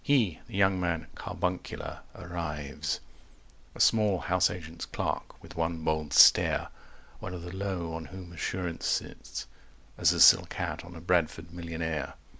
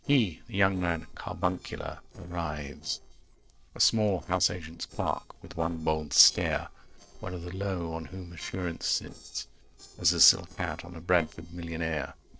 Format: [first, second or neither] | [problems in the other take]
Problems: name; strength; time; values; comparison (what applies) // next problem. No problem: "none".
first | noise reduction (neural separator model SepFormer DNS4)